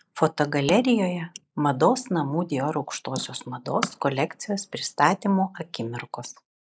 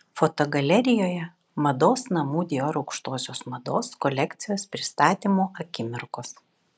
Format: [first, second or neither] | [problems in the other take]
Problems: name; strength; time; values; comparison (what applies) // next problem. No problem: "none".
second | noise reduction (neural mask model Resemble Enhance denoiser)